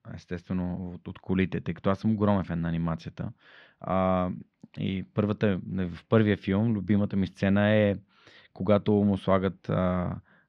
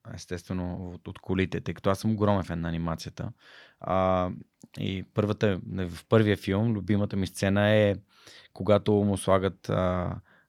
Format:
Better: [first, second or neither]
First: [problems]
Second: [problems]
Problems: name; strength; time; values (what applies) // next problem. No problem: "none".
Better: second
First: muffled; slightly; fading above 3 kHz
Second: none